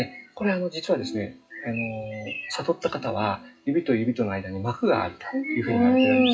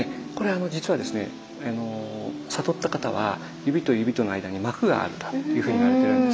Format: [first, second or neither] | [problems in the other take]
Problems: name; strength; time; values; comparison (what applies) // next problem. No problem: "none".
second | noise reduction (classical method WPE with log-MMSE)